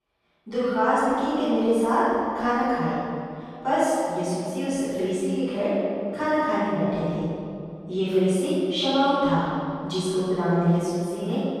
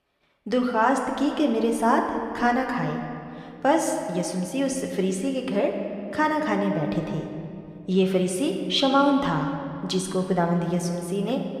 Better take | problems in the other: second | room echo; strong; dies away in 2.4 s; slight in the second // off-mic speech; far

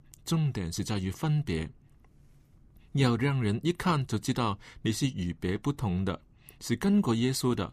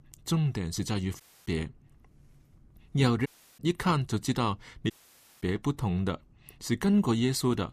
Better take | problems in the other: first | audio cutting out; at 1 s, at 3.5 s and at 5 s for 0.5 s

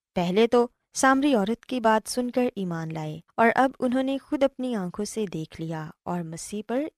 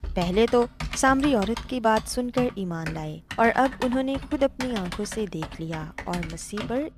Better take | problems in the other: first | keyboard typing; noticeable; peak 8 dB below the speech

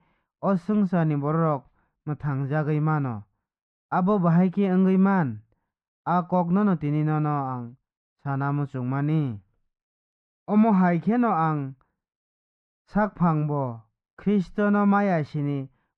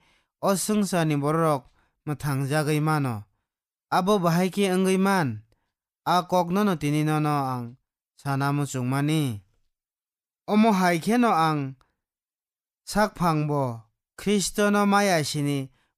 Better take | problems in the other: second | muffled; very; fading above 1.5 kHz

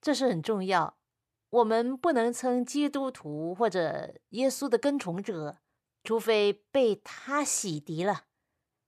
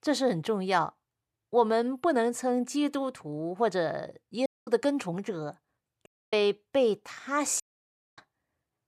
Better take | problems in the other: first | audio cutting out; at 4.5 s, at 6 s and at 7.5 s for 0.5 s

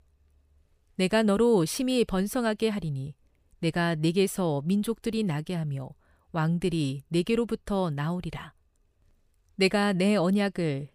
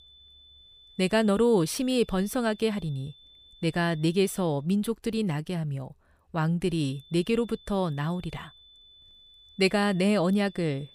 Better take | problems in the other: first | high-pitched whine; faint; until 4.5 s and from 6.5 s on; 3.5 kHz, 25 dB below the speech

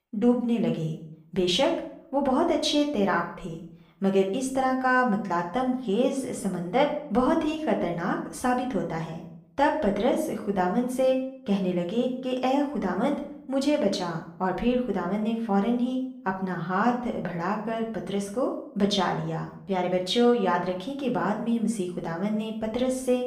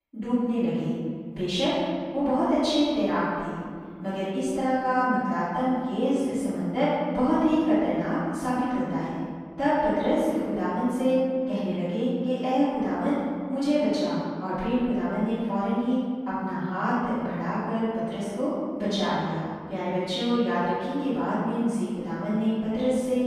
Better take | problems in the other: first | room echo; strong; dies away in 1.9 s; slight in the first // off-mic speech; far; somewhat distant in the first

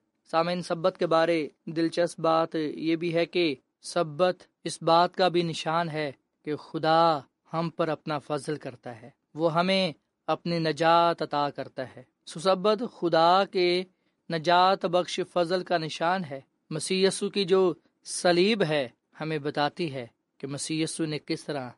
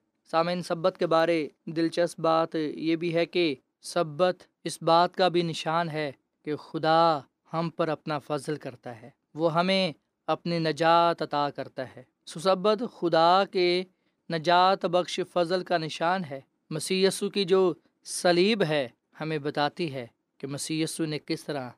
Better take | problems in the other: second | garbled, watery; slightly; nothing above 10.5 kHz

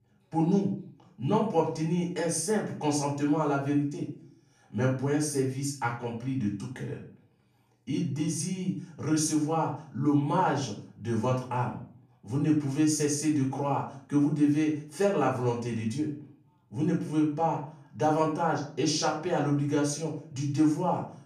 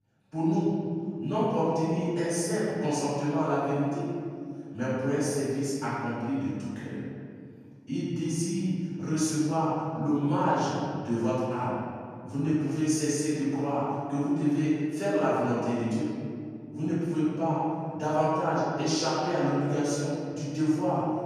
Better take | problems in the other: first | room echo; strong; dies away in 2.2 s; slight in the first // off-mic speech; far; far in the first

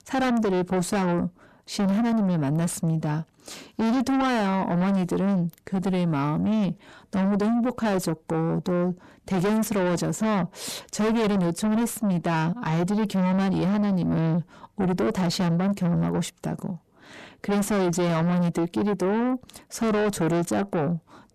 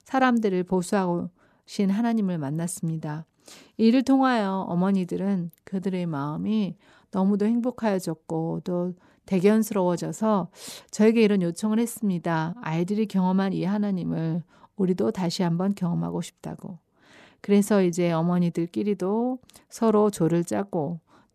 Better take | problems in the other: second | distortion; heavy; 6 dB below the speech

